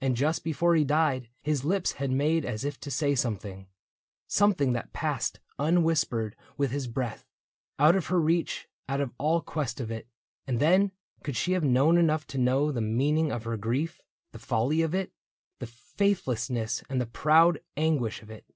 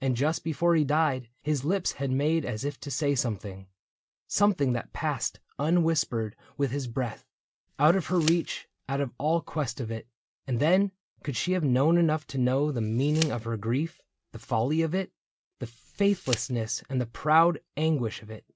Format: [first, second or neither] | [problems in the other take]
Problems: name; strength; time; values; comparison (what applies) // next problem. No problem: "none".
first | background sound (Tick); 15 dB below the speech